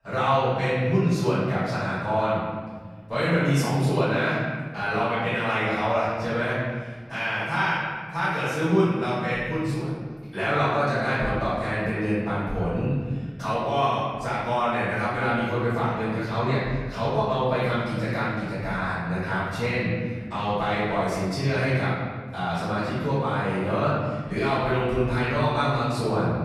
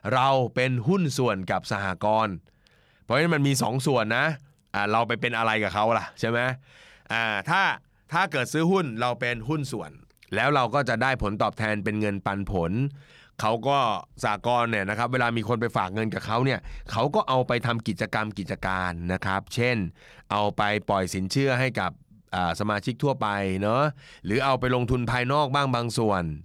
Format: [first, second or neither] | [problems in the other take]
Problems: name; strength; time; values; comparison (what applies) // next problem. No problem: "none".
second | off-mic speech; far // room echo; strong; dies away in 1.7 s